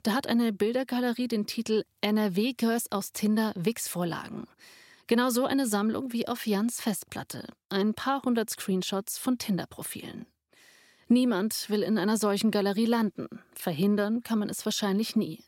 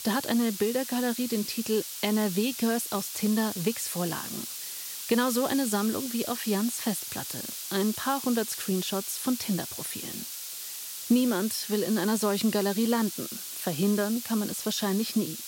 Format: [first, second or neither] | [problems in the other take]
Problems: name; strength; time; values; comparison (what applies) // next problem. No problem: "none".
first | hiss; loud; throughout; 6 dB below the speech